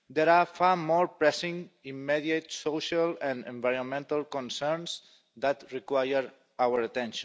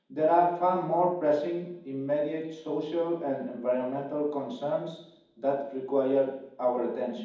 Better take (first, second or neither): first